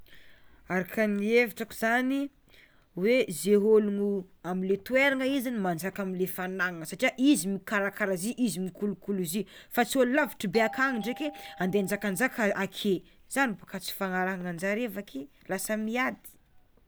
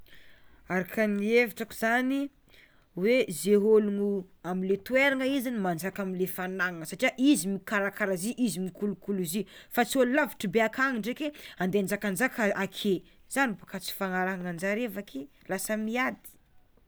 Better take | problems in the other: second | background sound (Doorbell); 16 dB below the speech

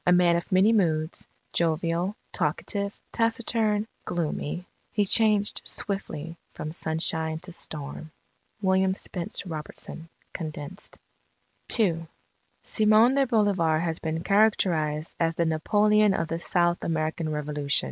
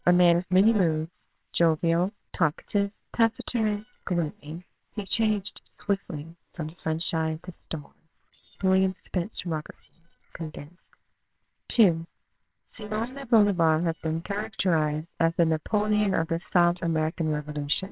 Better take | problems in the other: first | noise reduction (neural separator model SepFormer WHAMR!)

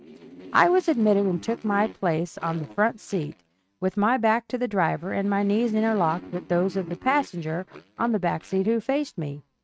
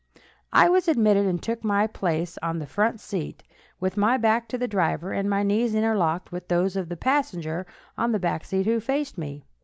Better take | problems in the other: second | noise reduction (neural mask model RNNoise)

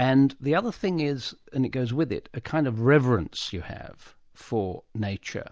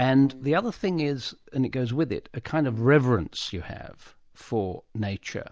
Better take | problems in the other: first | background sound (Keyboard (musical)); 17 dB below the speech

